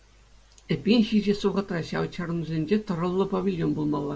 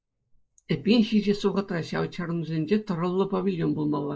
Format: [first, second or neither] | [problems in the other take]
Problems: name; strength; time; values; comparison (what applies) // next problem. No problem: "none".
first | noise reduction (neural mask model Resemble Enhance denoiser)